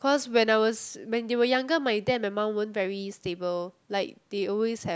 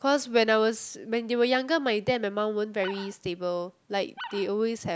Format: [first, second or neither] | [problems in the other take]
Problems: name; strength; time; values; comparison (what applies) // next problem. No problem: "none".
first | background sound (Animal); 15 dB below the speech